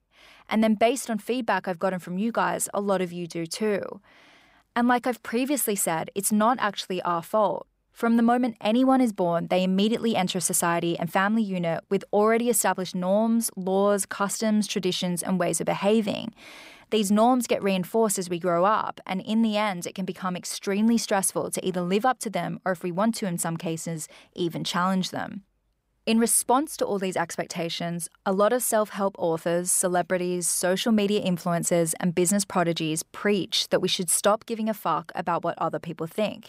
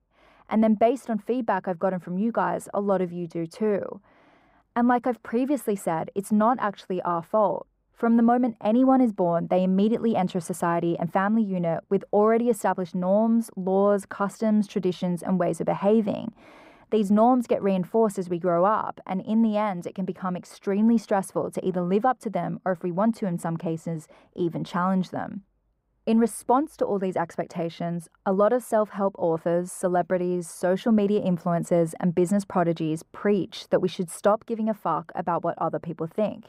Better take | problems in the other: first | muffled; very; fading above 2 kHz

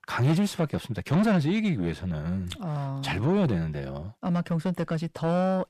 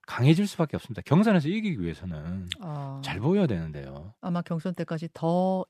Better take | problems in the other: second | distortion; heavy; 7 dB below the speech

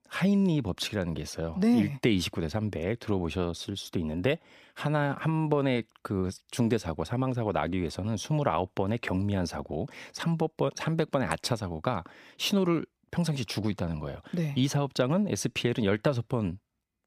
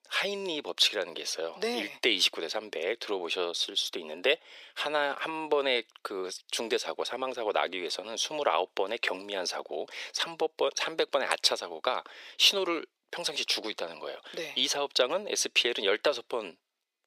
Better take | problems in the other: first | thin; very; fading below 400 Hz

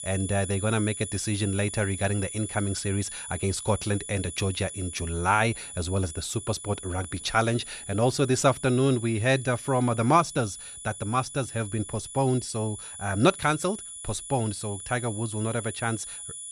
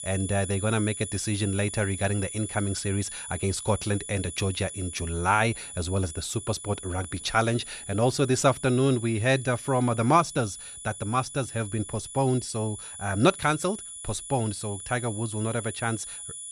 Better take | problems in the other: neither | high-pitched whine; loud; throughout; 10 kHz, 9 dB below the speech; the same in both

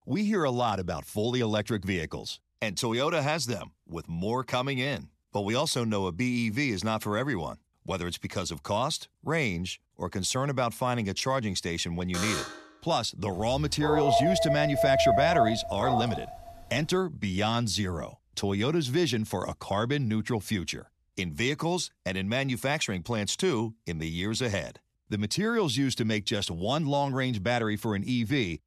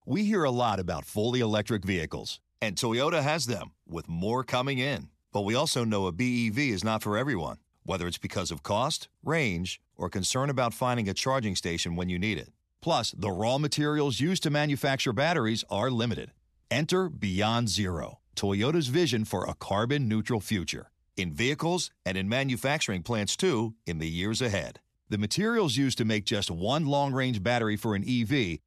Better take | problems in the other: second | alarm; noticeable; at 12 s; peak 2 dB below the speech // dog barking; loud; from 14 to 16 s; peak 6 dB above the speech

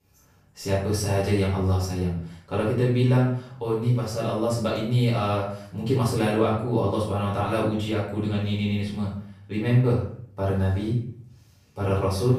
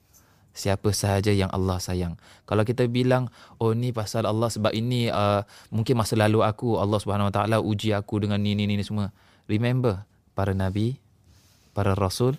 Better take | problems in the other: second | off-mic speech; far // room echo; noticeable; dies away in 0.5 s

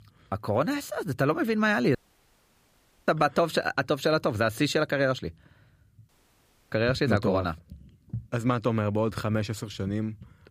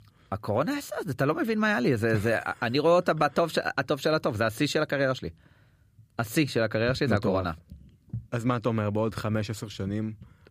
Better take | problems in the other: second | audio cutting out; at 2 s for 1 s and at 6 s for 0.5 s

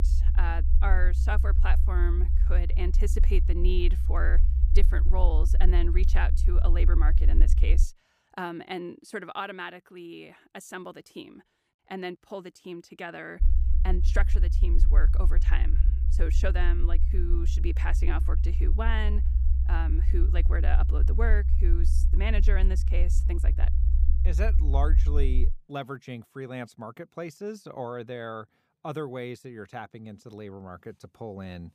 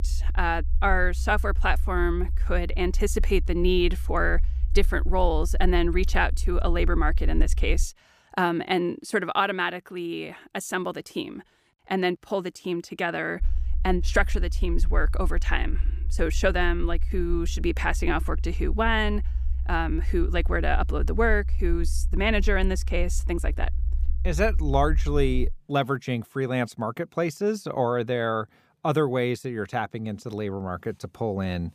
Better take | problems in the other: second | low rumble; loud; until 8 s and from 13 to 26 s; 9 dB below the speech; faint in the second

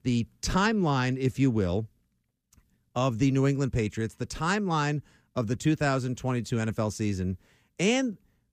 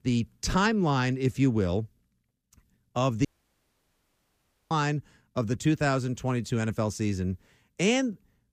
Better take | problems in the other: first | audio cutting out; at 3.5 s for 1.5 s

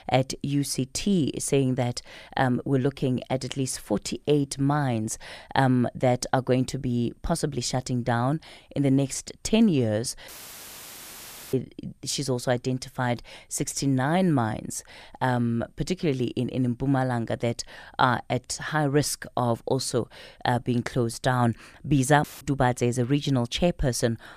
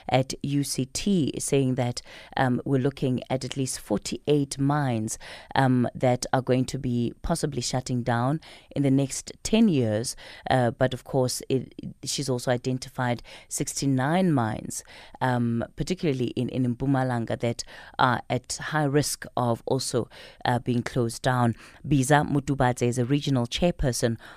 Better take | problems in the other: second | audio cutting out; filled with static; at 10 s for 1.5 s and at 22 s

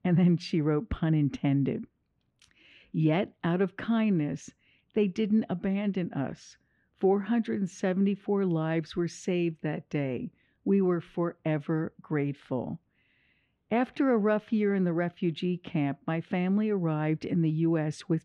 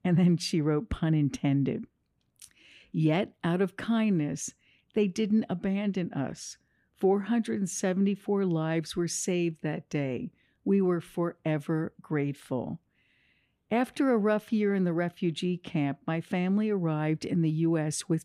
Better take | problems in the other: second | muffled; slightly; fading above 3.5 kHz

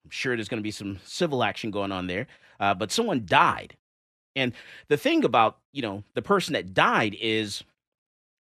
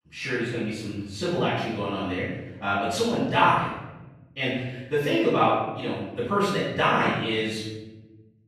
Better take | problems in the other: first | off-mic speech; far // room echo; strong; dies away in 1.1 s

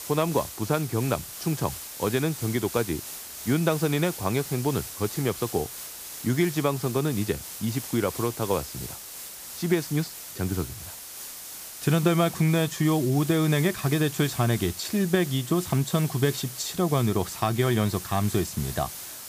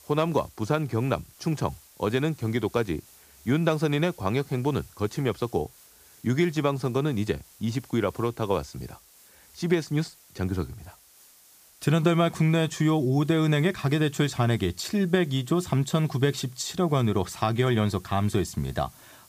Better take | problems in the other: second | hiss; loud; throughout; 10 dB below the speech; faint in the second

